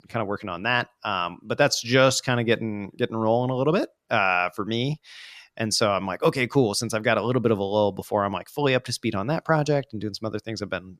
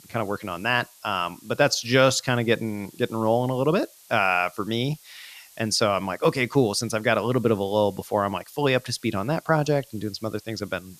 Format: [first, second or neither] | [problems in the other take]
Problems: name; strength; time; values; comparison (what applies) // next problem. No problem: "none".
first | hiss; faint; throughout; 25 dB below the speech